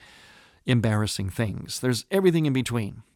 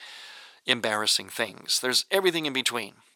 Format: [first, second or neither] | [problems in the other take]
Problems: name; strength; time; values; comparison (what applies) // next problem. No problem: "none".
first | thin; very; fading below 600 Hz